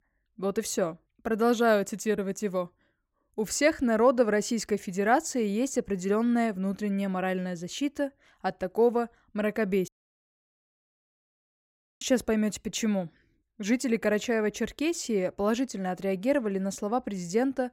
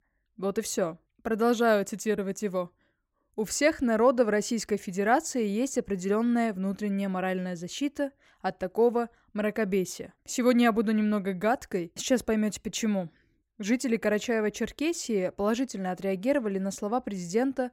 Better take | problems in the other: second | audio cutting out; at 10 s for 2 s

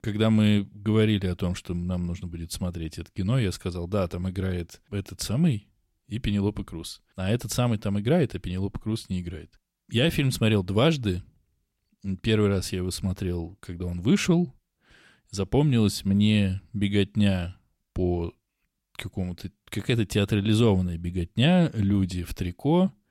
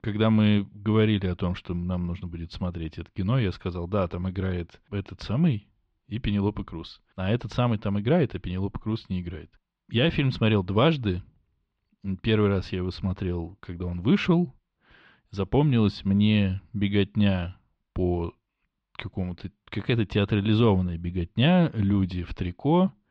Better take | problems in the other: first | muffled; slightly; fading above 4 kHz

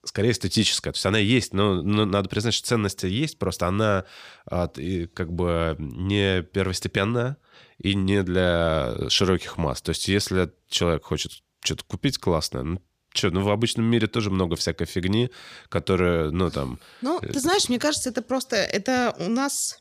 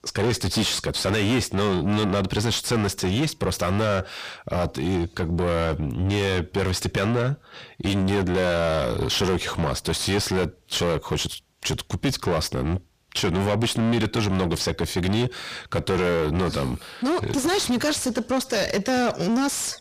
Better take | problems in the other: first | distortion; heavy; 6 dB below the speech

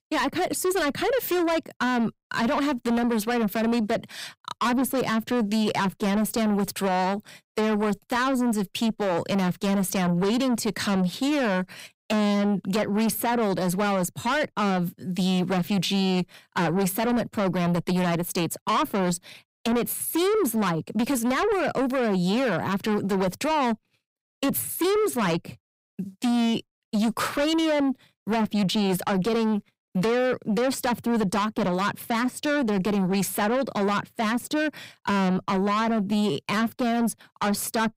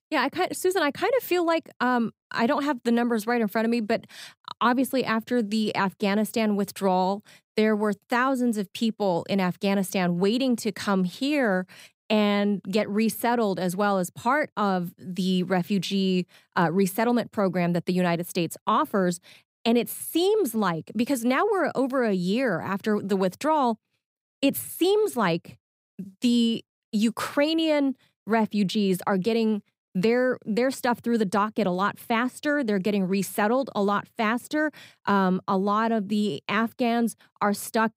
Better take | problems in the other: second | distortion; heavy; 7 dB below the speech

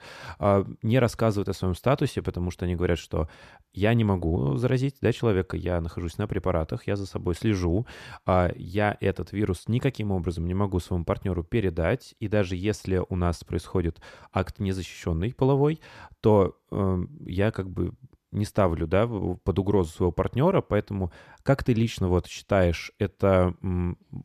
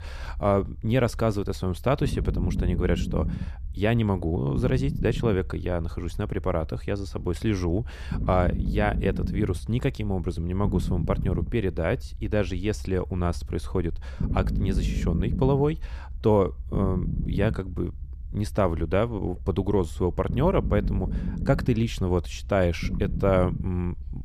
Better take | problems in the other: first | low rumble; noticeable; throughout; 10 dB below the speech

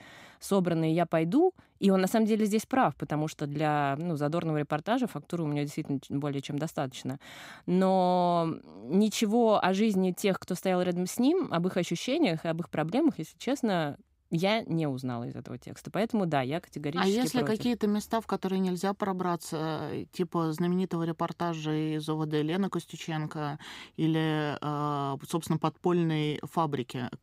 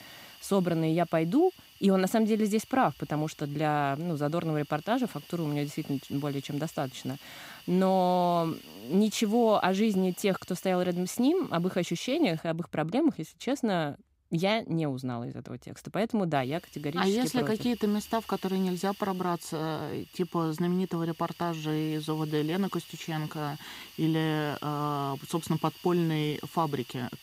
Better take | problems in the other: first | hiss; faint; until 12 s and from 16 s on; 20 dB below the speech

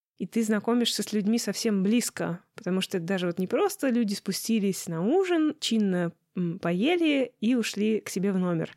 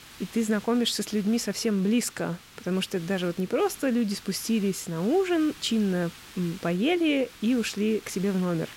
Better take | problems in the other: first | hiss; noticeable; throughout; 20 dB below the speech

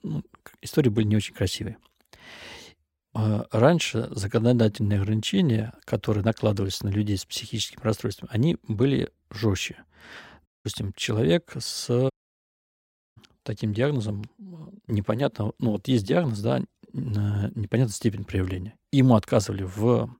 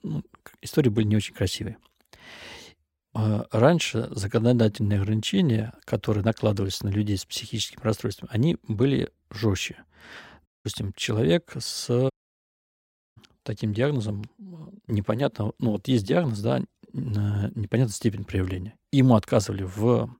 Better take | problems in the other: neither | audio cutting out; at 10 s and at 12 s for 1 s; the same in both

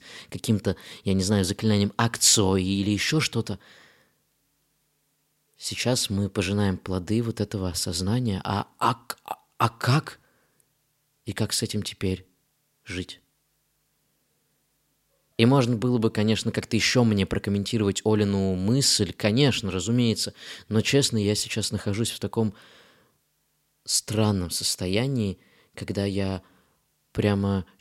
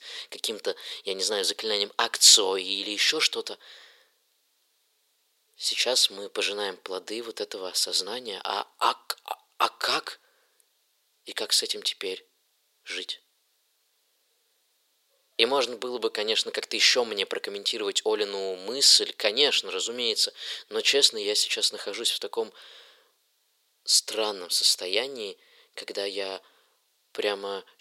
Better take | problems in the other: first | thin; very; fading below 450 Hz

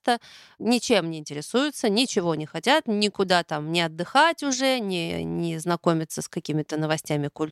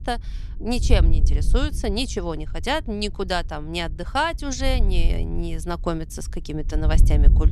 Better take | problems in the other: first | wind noise on the microphone; occasional gusts; 15 dB below the speech

